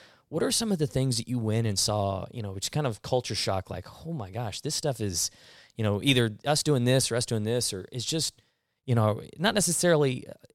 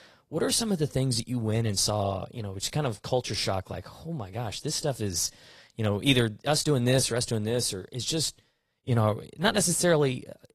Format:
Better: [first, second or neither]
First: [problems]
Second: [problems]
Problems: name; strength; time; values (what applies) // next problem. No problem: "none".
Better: first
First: none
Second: garbled, watery; slightly